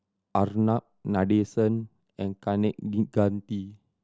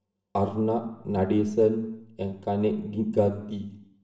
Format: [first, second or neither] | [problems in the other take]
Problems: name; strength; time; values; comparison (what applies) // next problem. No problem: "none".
first | room echo; dies away in 0.8 s